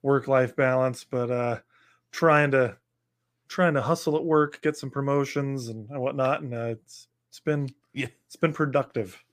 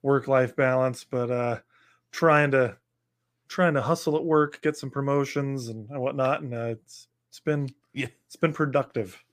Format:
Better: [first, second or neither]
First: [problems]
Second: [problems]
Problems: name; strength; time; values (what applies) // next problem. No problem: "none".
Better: neither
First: none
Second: none